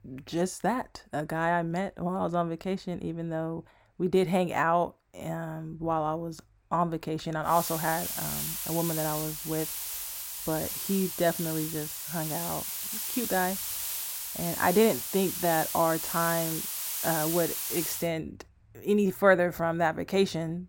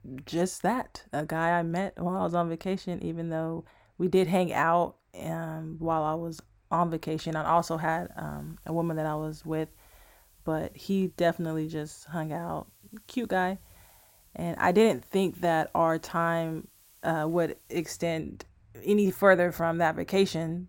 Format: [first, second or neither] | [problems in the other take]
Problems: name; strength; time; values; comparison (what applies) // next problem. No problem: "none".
second | hiss; loud; from 7.5 to 18 s; 2 dB below the speech; faint in the second